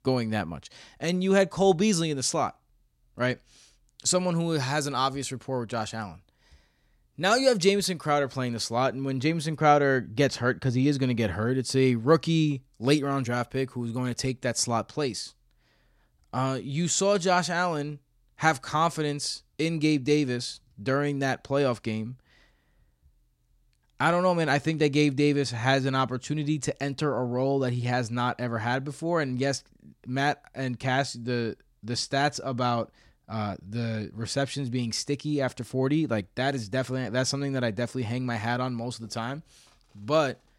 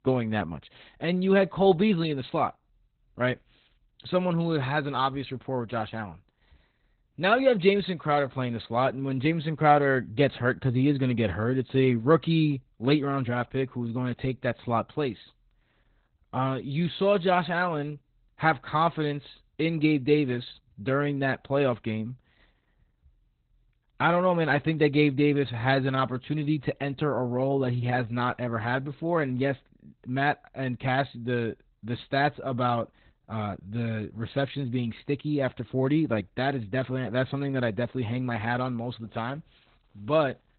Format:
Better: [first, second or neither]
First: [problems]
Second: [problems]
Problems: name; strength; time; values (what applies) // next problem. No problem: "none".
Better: first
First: none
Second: garbled, watery; badly; nothing above 4 kHz